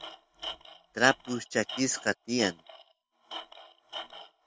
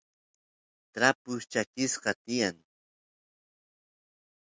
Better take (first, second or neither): second